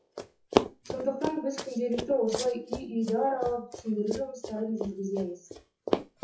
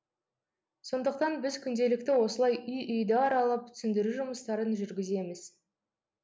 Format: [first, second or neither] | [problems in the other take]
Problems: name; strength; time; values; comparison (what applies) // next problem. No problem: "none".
second | noise reduction (classical method WPE with log-MMSE)